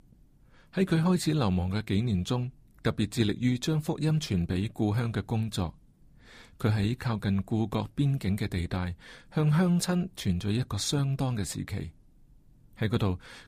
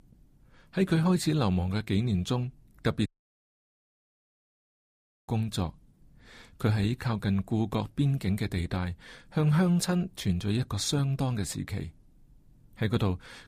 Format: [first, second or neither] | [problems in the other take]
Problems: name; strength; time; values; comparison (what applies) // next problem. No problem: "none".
first | audio cutting out; at 3 s for 2 s